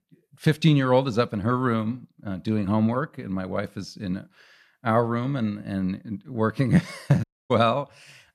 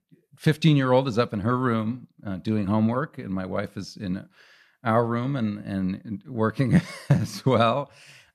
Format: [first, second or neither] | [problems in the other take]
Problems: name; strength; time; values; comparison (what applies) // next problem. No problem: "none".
second | audio cutting out; at 7 s